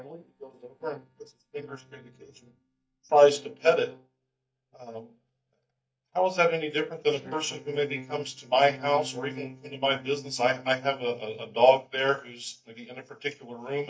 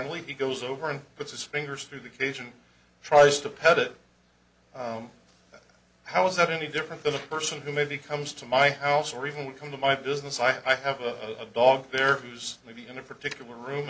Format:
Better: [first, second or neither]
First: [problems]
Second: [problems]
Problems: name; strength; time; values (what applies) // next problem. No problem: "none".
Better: second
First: noise reduction (neural mask model DeepFilterNet 3)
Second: none